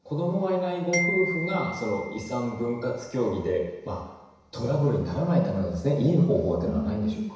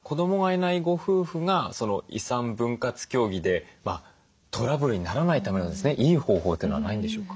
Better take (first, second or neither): second